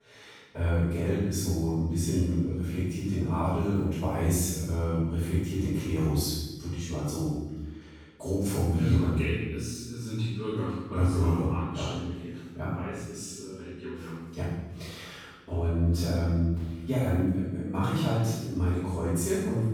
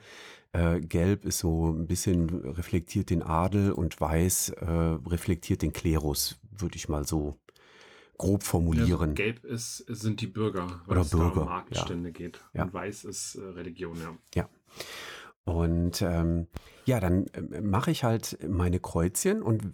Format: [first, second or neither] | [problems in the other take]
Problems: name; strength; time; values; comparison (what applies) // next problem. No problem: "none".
second | off-mic speech; far // room echo; strong; dies away in 1.1 s